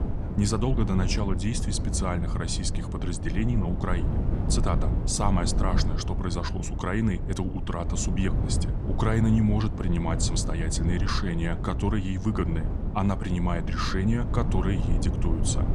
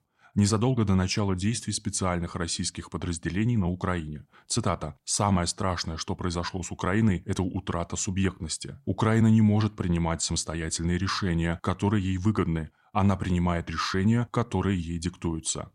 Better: second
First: wind noise on the microphone; heavy; 8 dB below the speech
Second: none

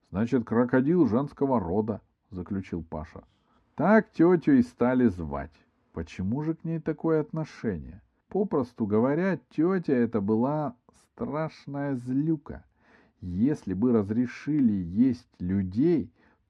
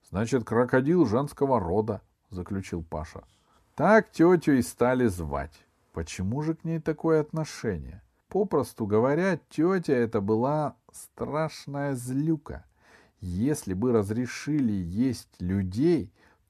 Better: second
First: muffled; slightly; fading above 3.5 kHz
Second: none

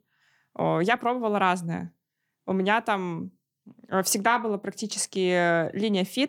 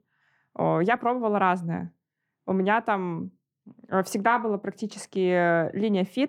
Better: first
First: none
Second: muffled; slightly; fading above 3 kHz

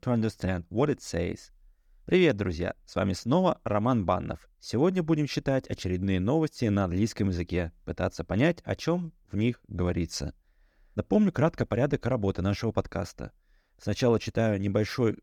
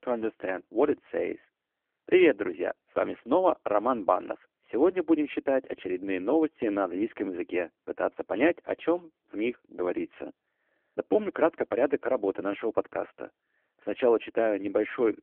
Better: first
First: none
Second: phone-call audio

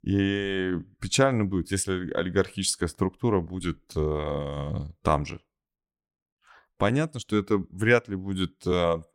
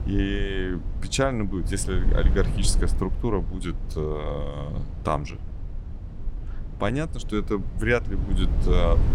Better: first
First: none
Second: low rumble; noticeable; throughout; 15 dB below the speech

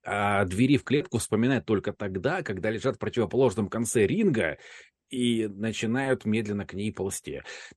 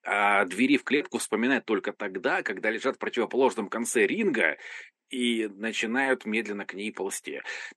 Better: first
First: none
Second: thin; very slightly; fading below 250 Hz

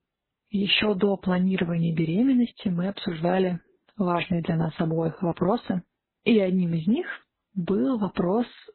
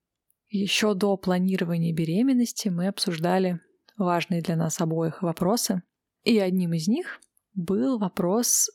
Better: second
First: garbled, watery; badly; nothing above 4 kHz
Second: none

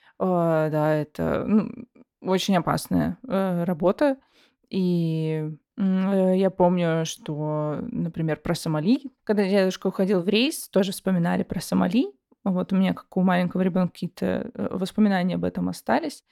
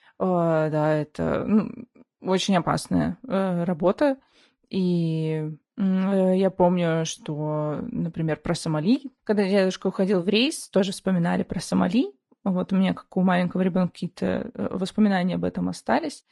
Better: first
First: none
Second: garbled, watery; slightly; nothing above 11.5 kHz

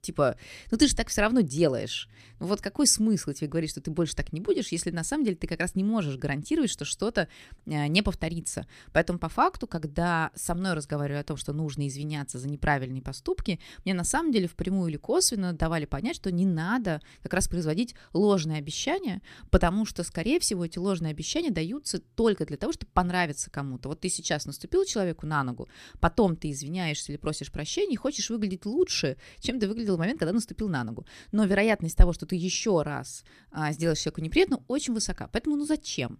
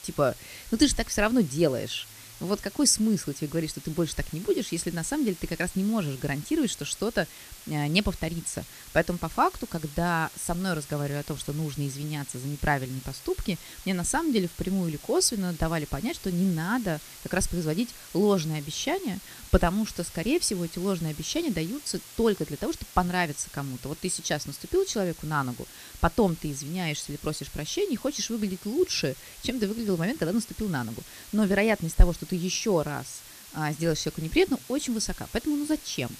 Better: first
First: none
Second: hiss; noticeable; throughout; 15 dB below the speech

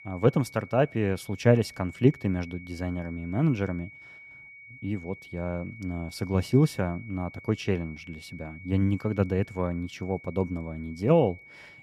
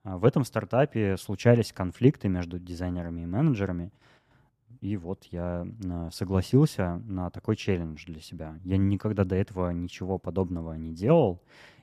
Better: second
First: high-pitched whine; noticeable; throughout; 2 kHz, 20 dB below the speech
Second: none

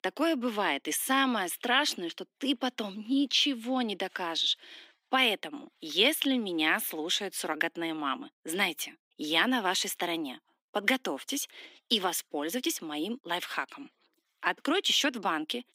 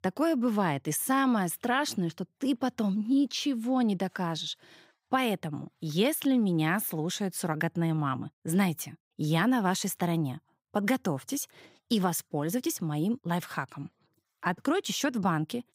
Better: second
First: thin; very slightly; fading below 250 Hz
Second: none

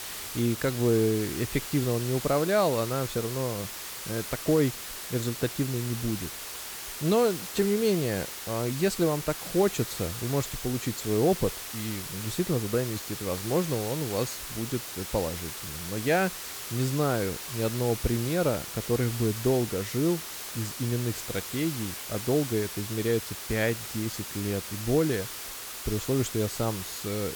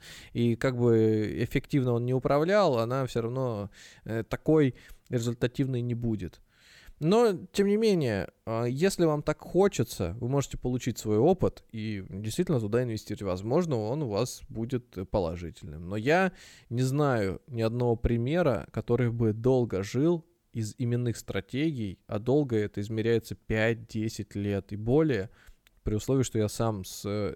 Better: second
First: hiss; loud; throughout; 6 dB below the speech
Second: none

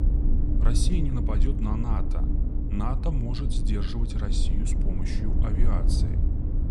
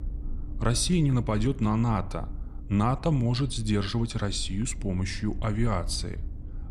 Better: second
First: low rumble; loud; throughout; 3 dB below the speech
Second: low rumble; faint; throughout; 20 dB below the speech

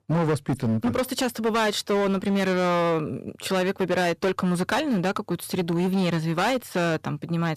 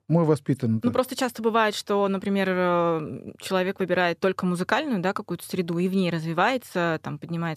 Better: second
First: distortion; heavy; 18% of the sound clipped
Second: none

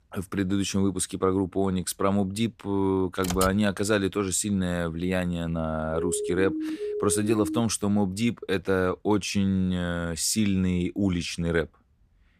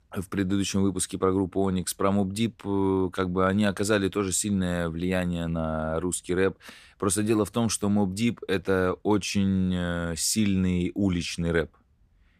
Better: second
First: keyboard typing; noticeable; at 3 s; peak 5 dB below the speech // siren; noticeable; from 6 to 7.5 s; peak 5 dB below the speech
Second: none

